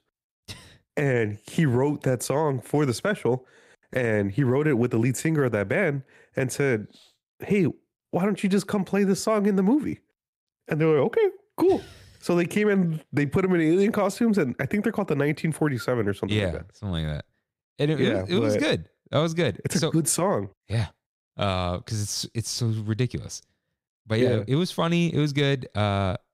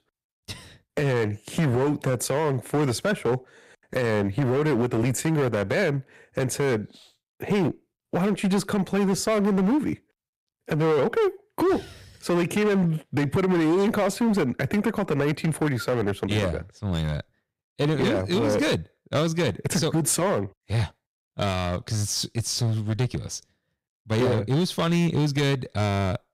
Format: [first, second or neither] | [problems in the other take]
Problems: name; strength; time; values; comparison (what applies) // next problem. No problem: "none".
first | distortion; slight; 13% of the sound clipped